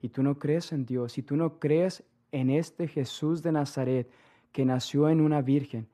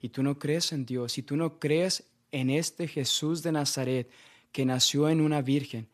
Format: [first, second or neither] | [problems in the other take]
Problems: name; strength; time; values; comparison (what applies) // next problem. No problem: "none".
second | muffled; very; fading above 2.5 kHz